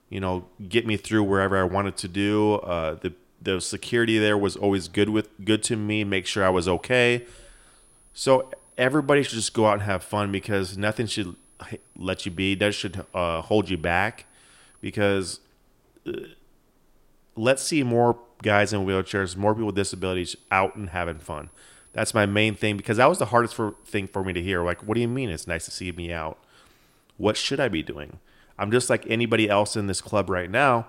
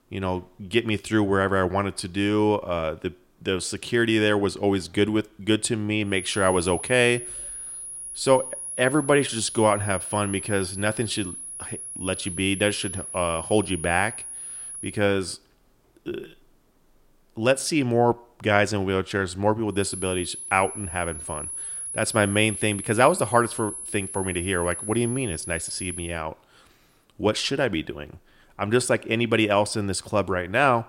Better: first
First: high-pitched whine; faint; from 6 to 15 s and from 20 to 26 s; 10.5 kHz, 30 dB below the speech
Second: high-pitched whine; loud; from 6 to 15 s and from 20 to 26 s; 10.5 kHz, 8 dB below the speech

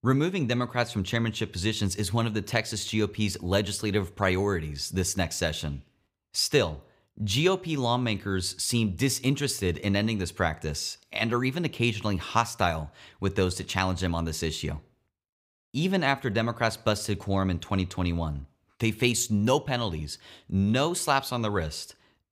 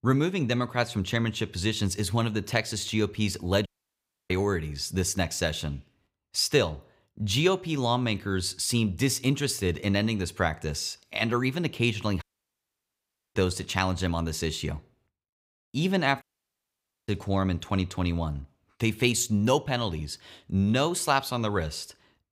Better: first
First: none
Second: audio cutting out; at 3.5 s for 0.5 s, at 12 s for 1 s and at 16 s for 1 s

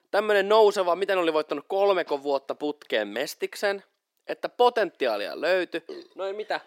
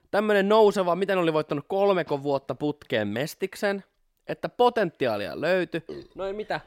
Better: second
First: thin; somewhat; fading below 300 Hz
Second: none

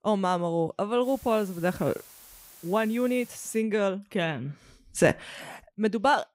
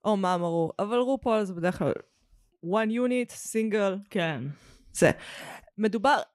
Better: second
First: hiss; faint; from 1 to 3.5 s; 20 dB below the speech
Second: none

